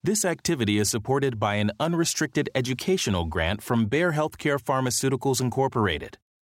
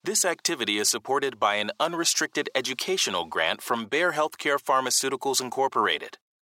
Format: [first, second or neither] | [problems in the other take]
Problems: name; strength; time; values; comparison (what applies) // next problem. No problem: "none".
first | thin; somewhat; fading below 450 Hz